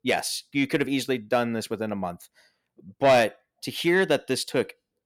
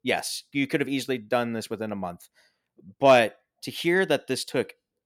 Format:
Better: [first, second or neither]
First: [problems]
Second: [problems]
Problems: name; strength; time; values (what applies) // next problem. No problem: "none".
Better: second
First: distortion; slight; 10 dB below the speech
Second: none